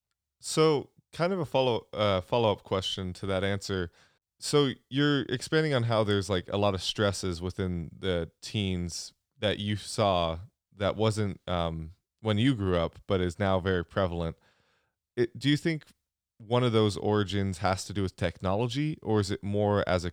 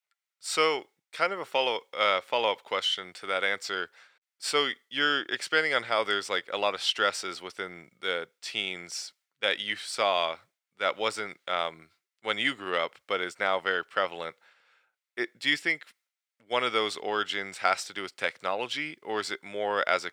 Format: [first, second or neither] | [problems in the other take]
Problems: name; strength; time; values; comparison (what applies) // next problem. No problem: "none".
first | thin; very; fading below 500 Hz